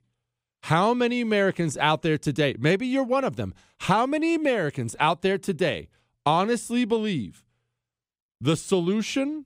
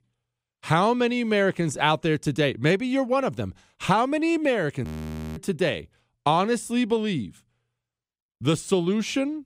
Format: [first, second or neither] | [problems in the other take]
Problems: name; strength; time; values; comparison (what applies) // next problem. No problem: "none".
first | audio freezing; at 5 s for 0.5 s